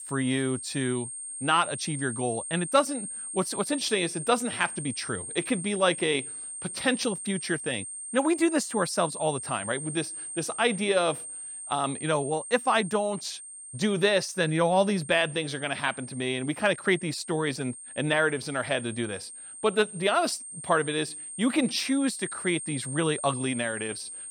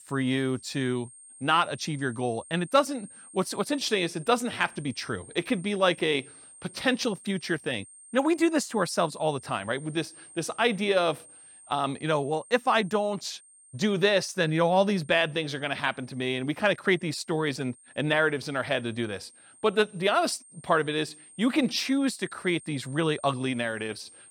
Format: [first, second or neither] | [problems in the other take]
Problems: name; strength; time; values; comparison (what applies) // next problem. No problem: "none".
second | high-pitched whine; loud; throughout; 8.5 kHz, 9 dB below the speech; faint in the second